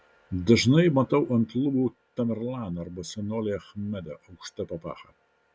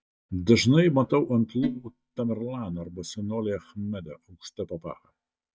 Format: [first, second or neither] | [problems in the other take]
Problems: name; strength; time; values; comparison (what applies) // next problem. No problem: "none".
first | noise reduction (neural mask model DeepFilterNet 3)